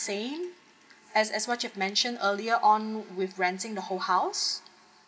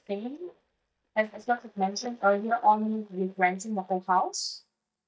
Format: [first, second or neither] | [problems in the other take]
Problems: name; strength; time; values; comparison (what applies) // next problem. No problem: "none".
first | noise reduction (neural mask model DeepFilterNet 3)